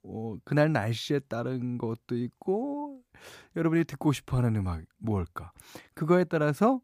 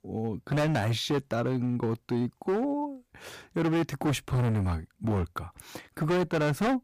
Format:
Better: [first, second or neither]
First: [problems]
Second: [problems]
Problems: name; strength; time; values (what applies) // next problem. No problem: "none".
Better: first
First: none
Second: distortion; heavy; 15% of the sound clipped